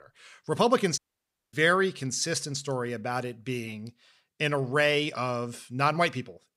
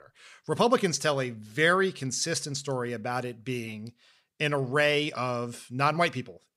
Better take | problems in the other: second | audio cutting out; at 1 s for 0.5 s

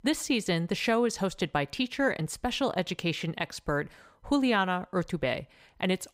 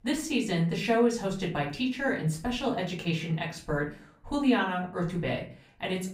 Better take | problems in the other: first | room echo; slight; dies away in 0.3 s // off-mic speech; far

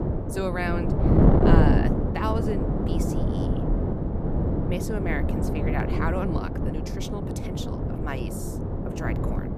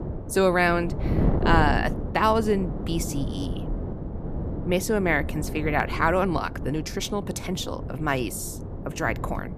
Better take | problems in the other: second | wind noise on the microphone; heavy; 2 dB above the speech; occasional gusts in the second

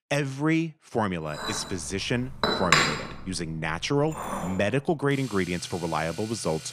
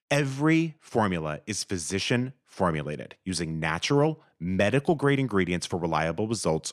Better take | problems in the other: second | household noises; loud; from 1.5 s on; 1 dB below the speech

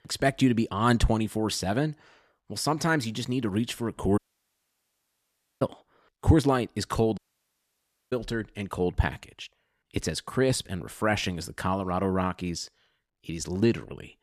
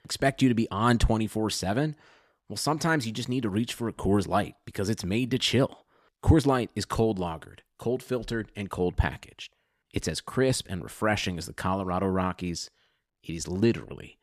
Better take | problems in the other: second | audio cutting out; at 4 s for 1.5 s and at 7 s for 1 s

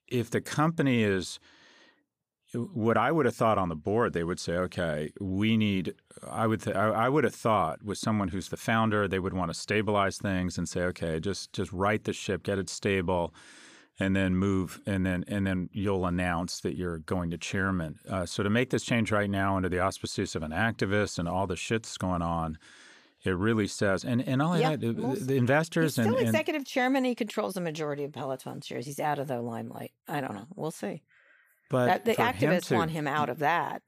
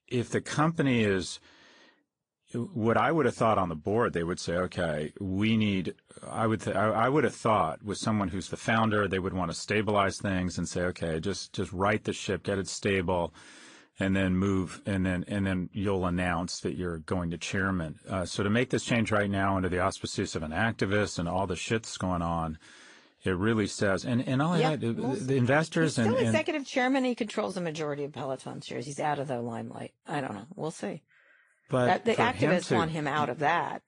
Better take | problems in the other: first | garbled, watery; slightly; nothing above 9 kHz

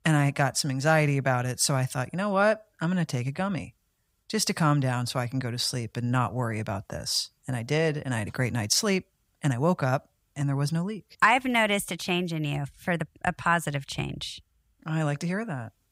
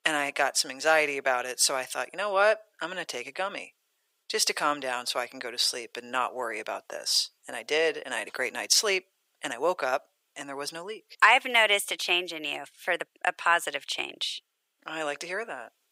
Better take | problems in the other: first | thin; very; fading below 400 Hz

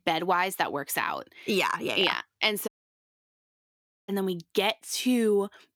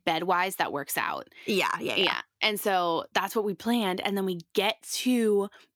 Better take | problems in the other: second | audio cutting out; at 2.5 s for 1.5 s

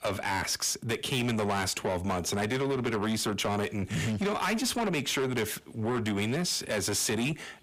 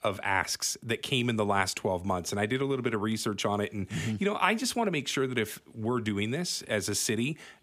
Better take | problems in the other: second | distortion; heavy; 7 dB below the speech

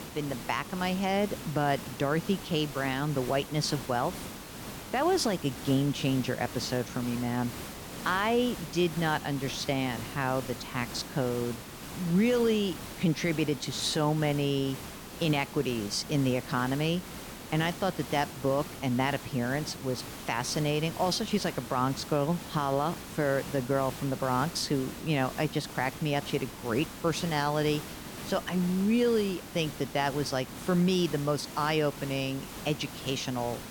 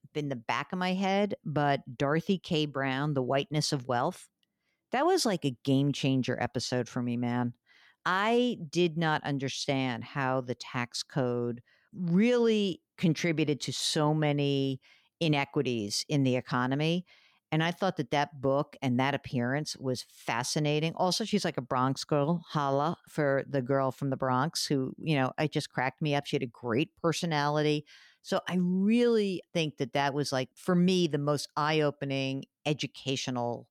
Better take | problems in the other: second | hiss; noticeable; throughout; 10 dB below the speech

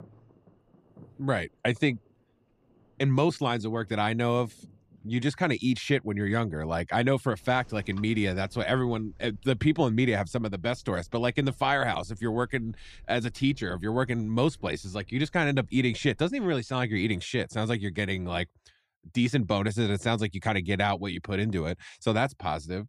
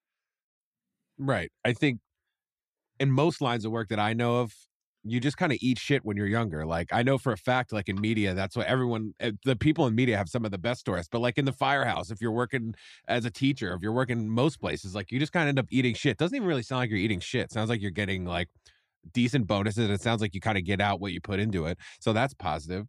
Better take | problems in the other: second | rain or running water; faint; until 16 s; 30 dB below the speech

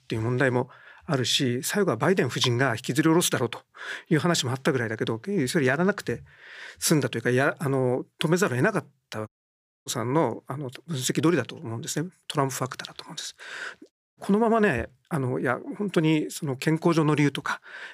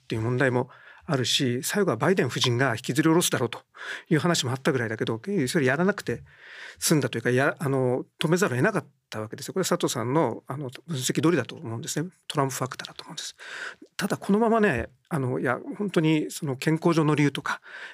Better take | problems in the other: second | audio cutting out; at 9.5 s for 0.5 s and at 14 s

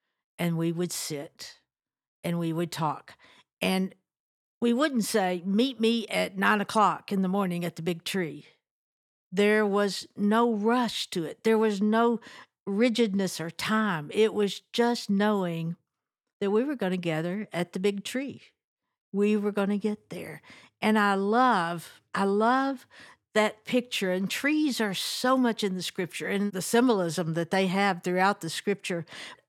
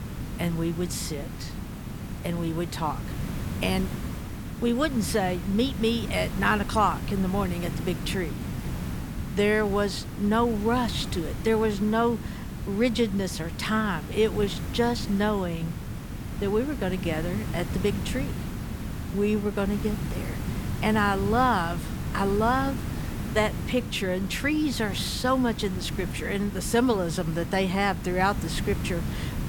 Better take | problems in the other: first | hiss; loud; throughout; 7 dB below the speech

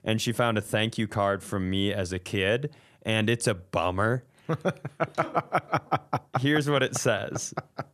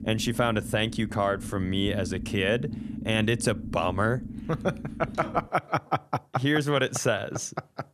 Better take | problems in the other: first | low rumble; noticeable; until 5.5 s; 15 dB below the speech

